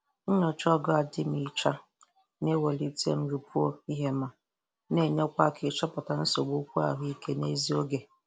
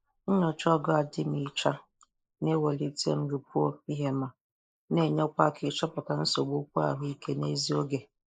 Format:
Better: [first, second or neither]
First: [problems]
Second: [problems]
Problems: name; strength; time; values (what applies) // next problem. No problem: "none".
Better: first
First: none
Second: noise reduction (neural mask model Resemble Enhance denoiser)